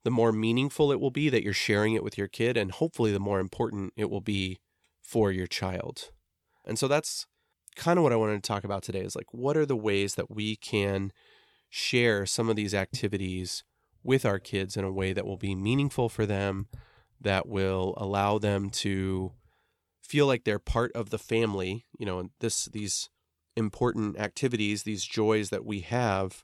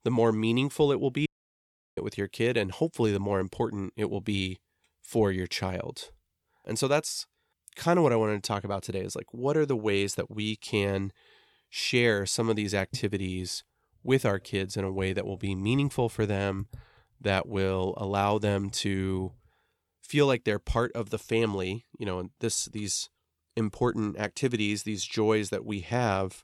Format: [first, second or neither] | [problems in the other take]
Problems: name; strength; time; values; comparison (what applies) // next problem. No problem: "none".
first | audio cutting out; at 1.5 s for 0.5 s